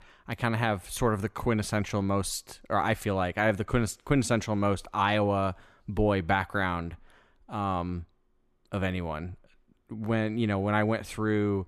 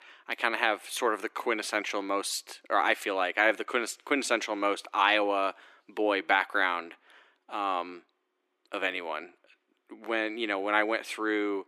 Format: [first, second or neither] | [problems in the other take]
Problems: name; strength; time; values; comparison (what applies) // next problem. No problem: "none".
first | thin; very; fading below 300 Hz